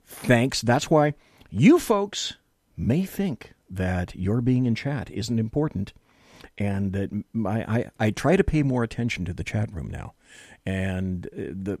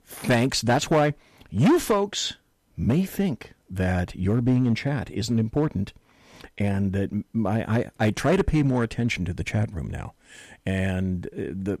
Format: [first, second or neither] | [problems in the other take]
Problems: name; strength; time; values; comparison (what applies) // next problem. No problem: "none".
first | distortion; slight; 3% of the sound clipped